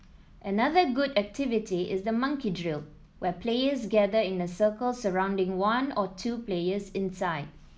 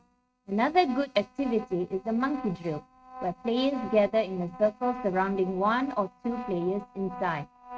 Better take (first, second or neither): first